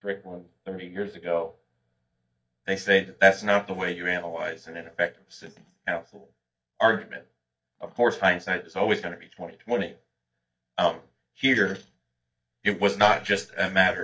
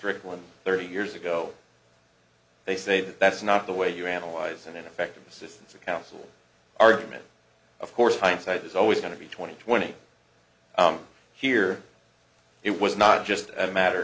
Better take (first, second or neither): second